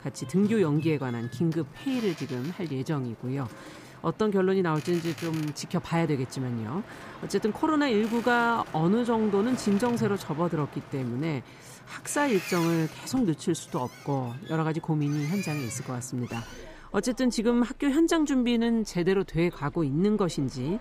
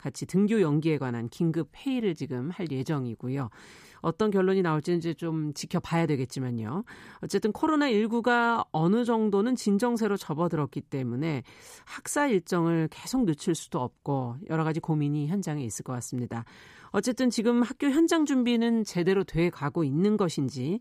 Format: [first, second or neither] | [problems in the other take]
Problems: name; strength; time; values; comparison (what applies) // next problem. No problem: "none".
second | train or aircraft noise; noticeable; throughout; 15 dB below the speech